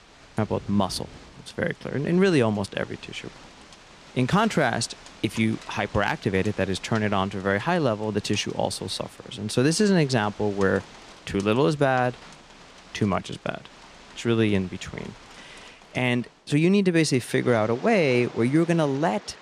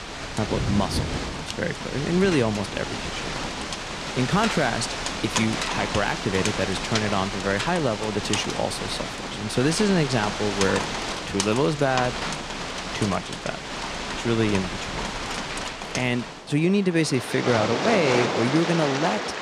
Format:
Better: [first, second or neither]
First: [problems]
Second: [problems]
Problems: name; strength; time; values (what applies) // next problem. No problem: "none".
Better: first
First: rain or running water; faint; throughout; 20 dB below the speech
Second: rain or running water; loud; throughout; 3 dB below the speech